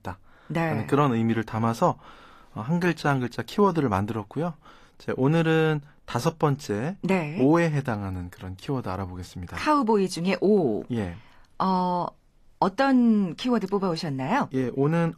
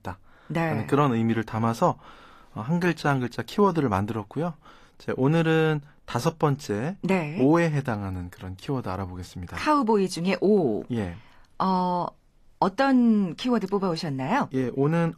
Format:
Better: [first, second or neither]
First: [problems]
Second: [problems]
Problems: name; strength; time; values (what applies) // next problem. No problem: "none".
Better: neither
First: garbled, watery; slightly; nothing above 14.5 kHz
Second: garbled, watery; slightly; nothing above 14.5 kHz